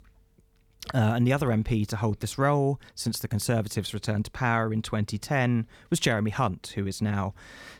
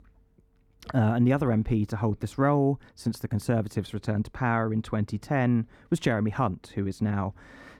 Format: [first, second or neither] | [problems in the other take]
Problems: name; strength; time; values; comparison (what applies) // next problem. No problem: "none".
first | muffled; slightly; fading above 2.5 kHz